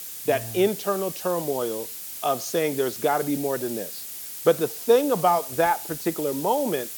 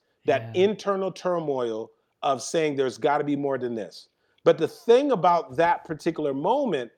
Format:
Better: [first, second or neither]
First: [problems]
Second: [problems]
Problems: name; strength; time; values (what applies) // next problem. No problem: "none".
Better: second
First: hiss; loud; throughout; 8 dB below the speech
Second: none